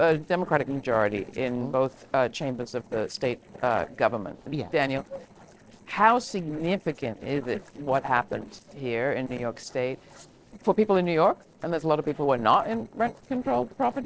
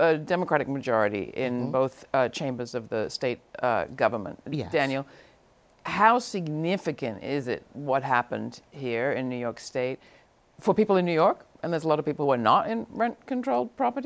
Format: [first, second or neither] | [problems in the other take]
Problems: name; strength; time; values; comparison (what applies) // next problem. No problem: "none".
second | noise reduction (neural separator model SepFormer DNS4)